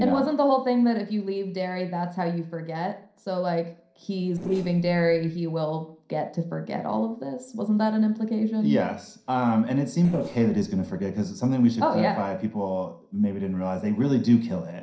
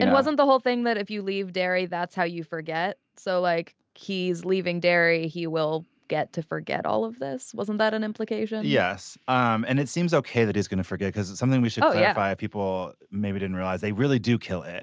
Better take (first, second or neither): second